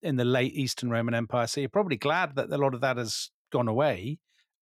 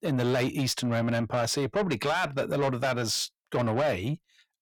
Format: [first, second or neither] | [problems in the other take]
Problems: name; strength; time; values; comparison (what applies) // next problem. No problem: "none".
first | distortion; heavy; 8 dB below the speech